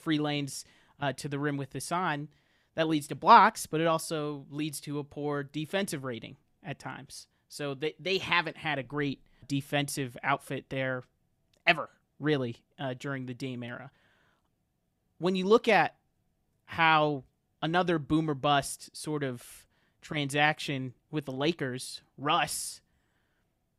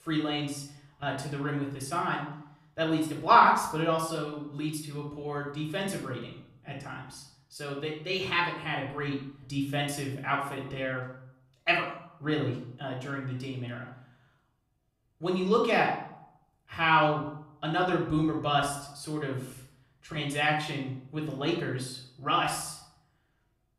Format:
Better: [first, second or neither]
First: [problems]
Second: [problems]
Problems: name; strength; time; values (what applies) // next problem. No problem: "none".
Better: first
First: none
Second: off-mic speech; somewhat distant // room echo; noticeable; dies away in 0.6 s